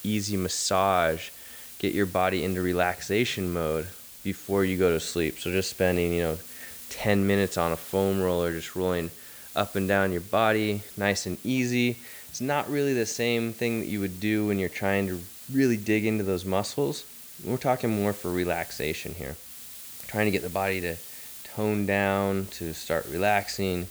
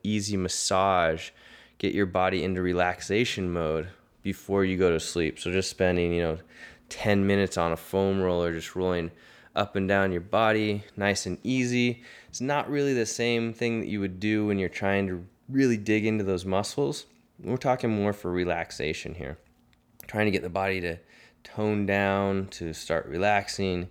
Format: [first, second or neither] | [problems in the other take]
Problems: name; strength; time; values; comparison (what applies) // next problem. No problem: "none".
second | hiss; noticeable; throughout; 15 dB below the speech